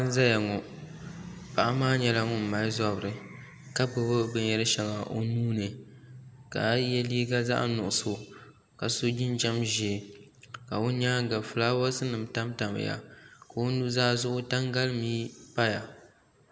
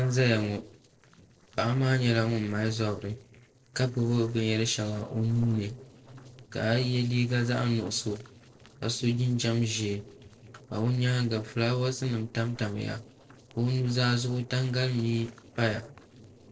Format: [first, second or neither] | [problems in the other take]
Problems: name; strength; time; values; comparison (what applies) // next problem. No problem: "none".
first | noise reduction (neural separator model SepFormer DNS4)